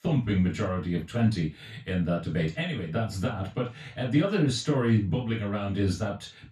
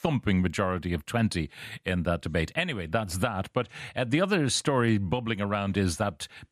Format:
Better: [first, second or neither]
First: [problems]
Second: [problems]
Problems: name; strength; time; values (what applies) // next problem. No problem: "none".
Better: second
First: room echo; noticeable; dies away in 0.2 s // off-mic speech; far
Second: none